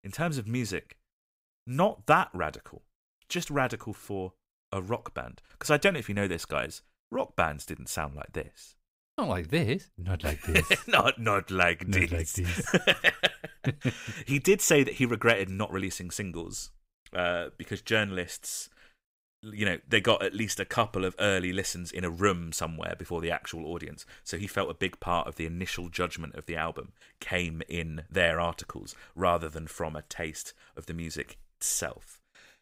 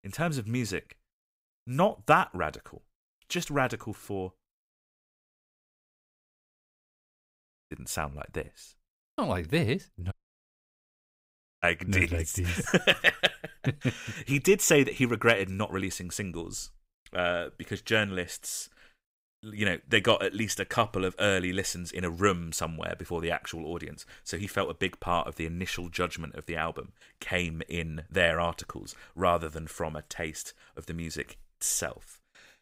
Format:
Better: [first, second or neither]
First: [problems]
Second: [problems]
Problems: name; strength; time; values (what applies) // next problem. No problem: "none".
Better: first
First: none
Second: audio cutting out; at 4.5 s for 3 s and at 10 s for 1.5 s